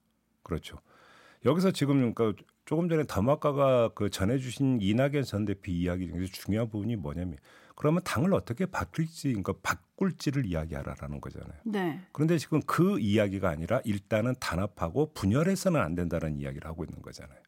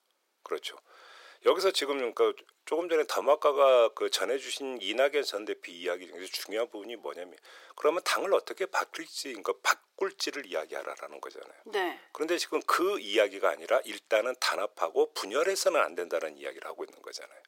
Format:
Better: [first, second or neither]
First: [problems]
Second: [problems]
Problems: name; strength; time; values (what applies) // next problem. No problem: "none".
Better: first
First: none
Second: thin; very; fading below 400 Hz